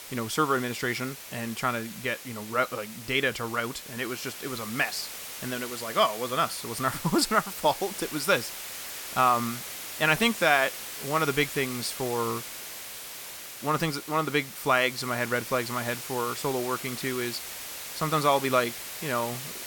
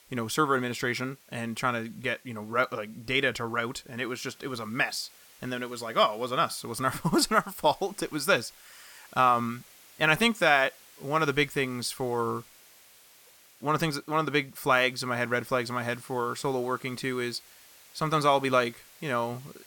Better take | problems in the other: second | hiss; loud; throughout; 9 dB below the speech; faint in the second

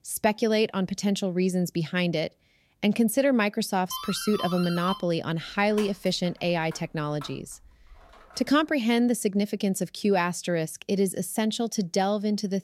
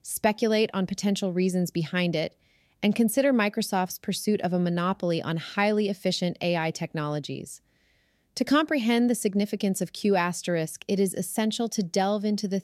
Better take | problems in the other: second | doorbell; noticeable; from 4 to 8.5 s; peak 8 dB below the speech

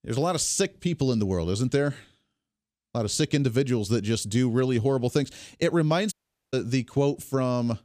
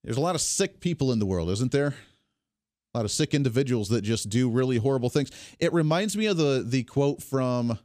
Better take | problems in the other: second | audio cutting out; at 6 s

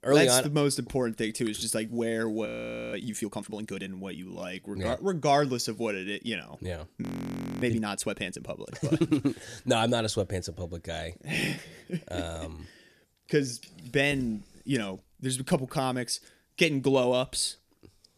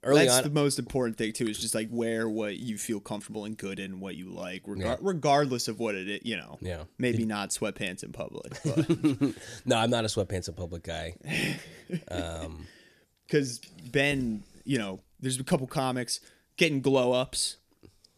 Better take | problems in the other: second | audio freezing; at 2.5 s and at 7 s for 0.5 s

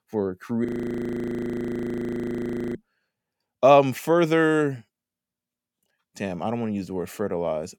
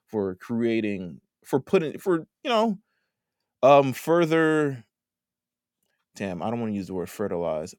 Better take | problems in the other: second | audio freezing; at 0.5 s for 2 s

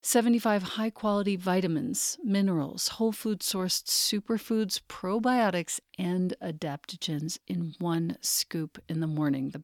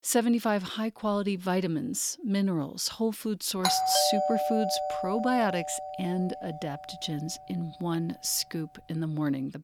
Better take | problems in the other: first | doorbell; loud; from 3.5 to 6.5 s; peak 4 dB above the speech

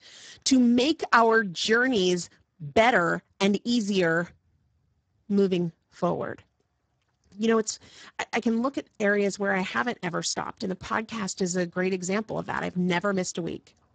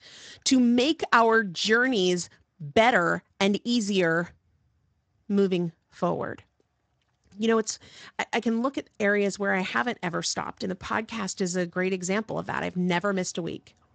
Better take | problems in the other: second | garbled, watery; badly; nothing above 7.5 kHz; slightly in the second

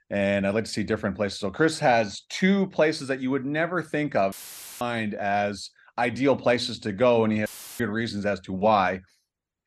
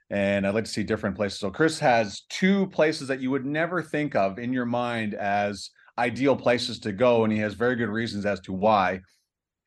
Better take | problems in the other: second | audio cutting out; filled with static; at 4.5 s and at 7.5 s

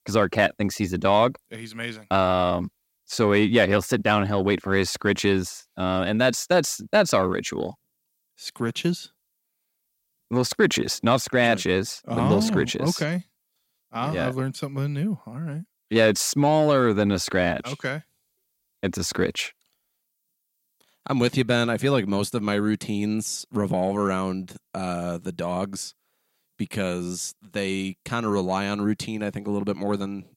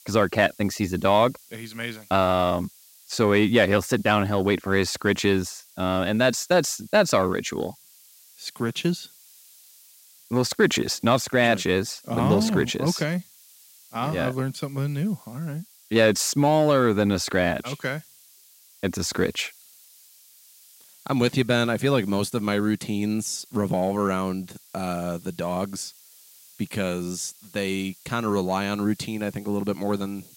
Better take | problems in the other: first | hiss; faint; throughout; 25 dB below the speech

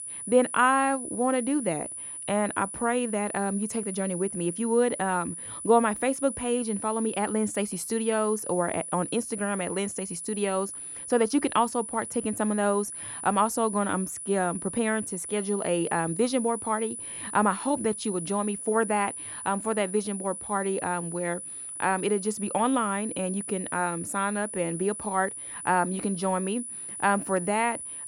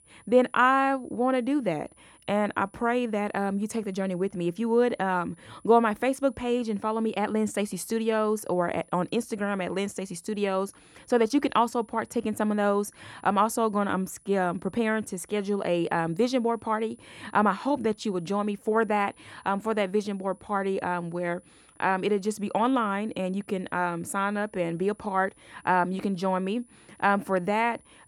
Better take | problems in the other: second | high-pitched whine; loud; throughout; 10 kHz, 7 dB below the speech; faint in the second

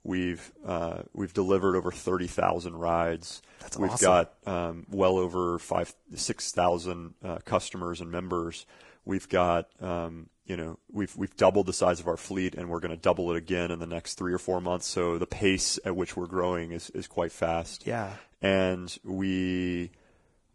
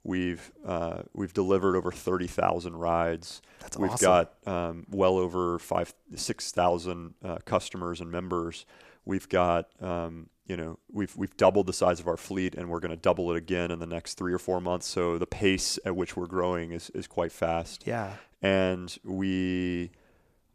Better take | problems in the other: second | garbled, watery; badly

